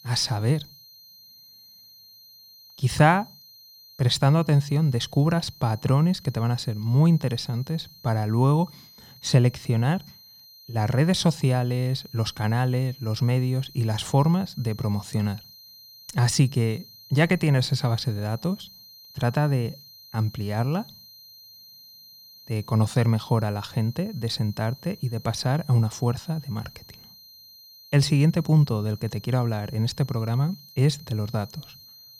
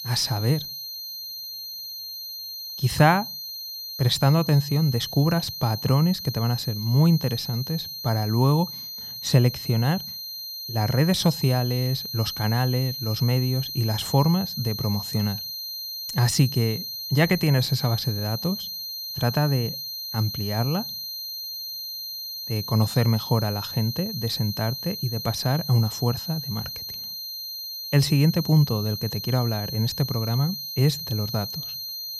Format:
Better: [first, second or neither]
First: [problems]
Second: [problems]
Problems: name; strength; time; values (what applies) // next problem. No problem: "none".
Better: first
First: high-pitched whine; faint; throughout; 4 kHz, 20 dB below the speech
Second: high-pitched whine; loud; throughout; 4 kHz, 7 dB below the speech